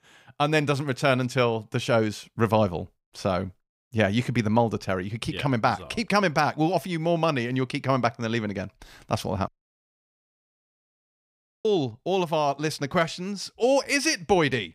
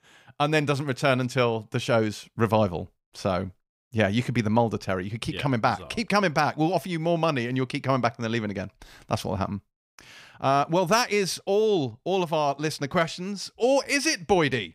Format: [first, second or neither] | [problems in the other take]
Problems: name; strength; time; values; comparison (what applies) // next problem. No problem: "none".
second | audio cutting out; at 9.5 s for 2 s